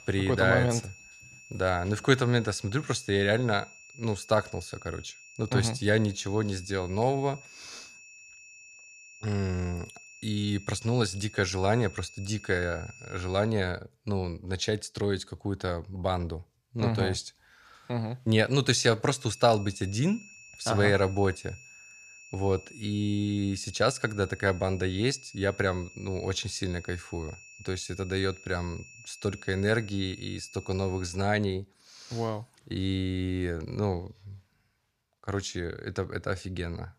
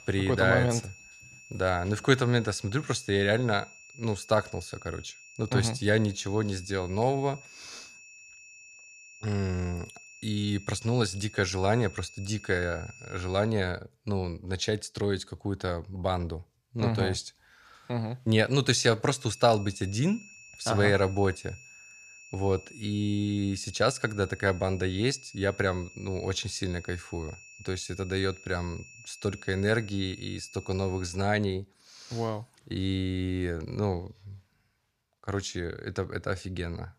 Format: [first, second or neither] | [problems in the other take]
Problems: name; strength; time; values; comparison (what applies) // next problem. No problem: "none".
neither | high-pitched whine; noticeable; until 13 s and from 19 to 31 s; 2.5 kHz, 20 dB below the speech; the same in both